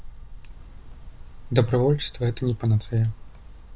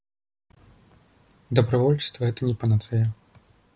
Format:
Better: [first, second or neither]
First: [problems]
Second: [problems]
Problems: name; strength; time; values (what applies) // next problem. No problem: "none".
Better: second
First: background sound (Tick); 13 dB below the speech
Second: none